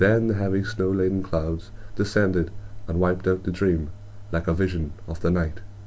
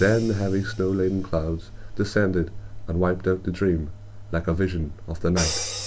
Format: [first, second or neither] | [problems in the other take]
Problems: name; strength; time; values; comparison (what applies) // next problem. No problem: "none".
first | background sound (Crash cymbal); 14 dB below the speech